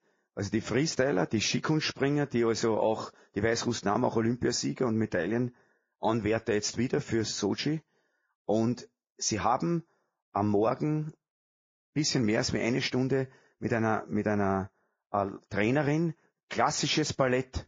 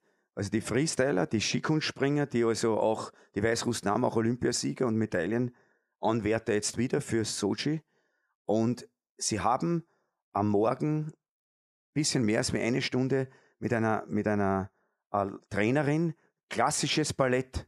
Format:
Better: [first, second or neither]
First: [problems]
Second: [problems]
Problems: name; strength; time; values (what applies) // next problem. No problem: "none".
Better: second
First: garbled, watery; slightly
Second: none